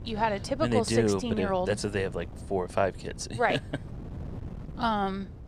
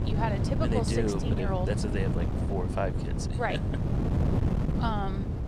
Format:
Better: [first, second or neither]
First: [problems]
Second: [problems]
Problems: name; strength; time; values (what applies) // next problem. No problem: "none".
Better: first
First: wind noise on the microphone; occasional gusts; 20 dB below the speech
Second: wind noise on the microphone; heavy; 5 dB below the speech